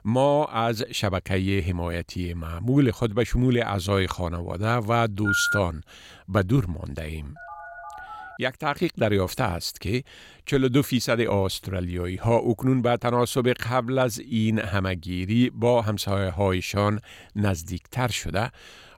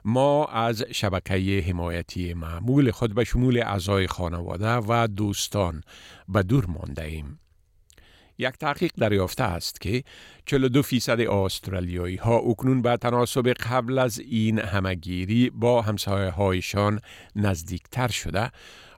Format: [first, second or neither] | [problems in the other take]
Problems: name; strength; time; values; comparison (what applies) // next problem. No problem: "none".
second | phone ringing; loud; at 5.5 s; peak 1 dB above the speech // phone ringing; faint; from 7.5 to 8.5 s; peak 15 dB below the speech